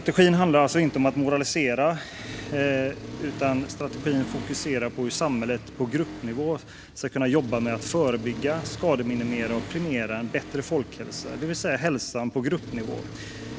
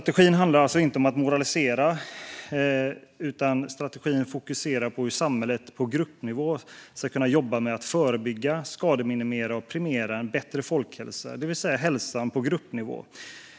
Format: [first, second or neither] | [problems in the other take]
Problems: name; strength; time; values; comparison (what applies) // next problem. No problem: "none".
second | background sound (Accelerating, revving, vroom); 13 dB below the speech